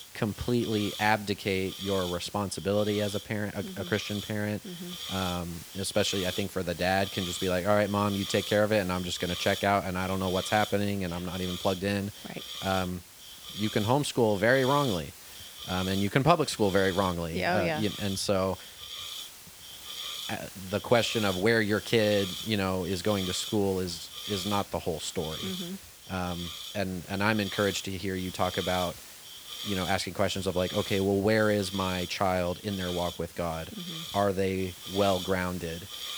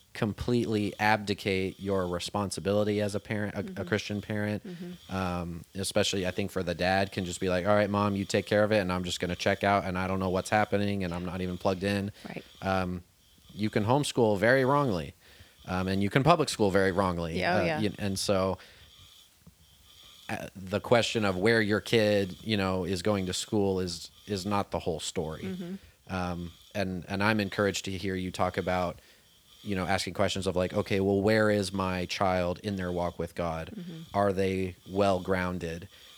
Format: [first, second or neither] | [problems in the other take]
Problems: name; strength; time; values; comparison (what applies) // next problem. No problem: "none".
second | hiss; loud; throughout; 9 dB below the speech; faint in the second